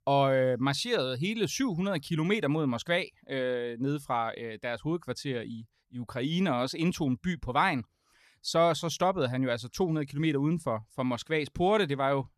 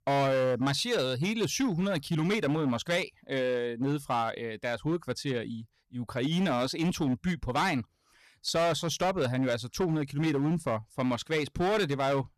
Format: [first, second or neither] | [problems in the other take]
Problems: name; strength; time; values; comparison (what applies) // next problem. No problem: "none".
first | distortion; slight; 12% of the sound clipped